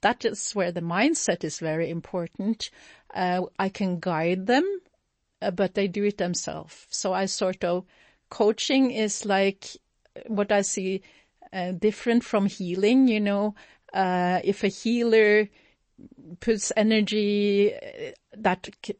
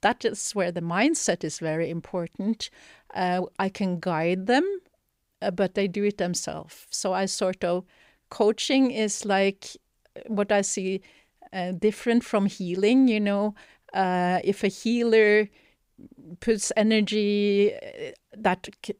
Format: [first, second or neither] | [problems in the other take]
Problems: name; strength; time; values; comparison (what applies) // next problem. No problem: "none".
second | garbled, watery; slightly; nothing above 8 kHz